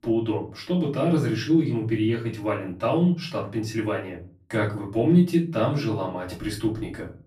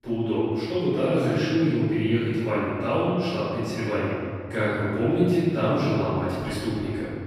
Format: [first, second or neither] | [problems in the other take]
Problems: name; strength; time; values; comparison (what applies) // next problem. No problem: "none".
first | room echo; strong; dies away in 2.3 s; slight in the first // off-mic speech; far; far in the first